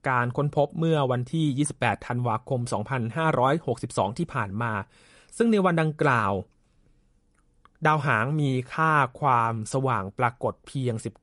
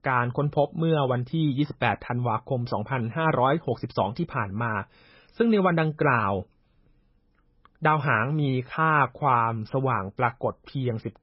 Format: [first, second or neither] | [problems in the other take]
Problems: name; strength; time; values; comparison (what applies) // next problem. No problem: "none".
first | garbled, watery; badly; nothing above 5.5 kHz; slightly in the first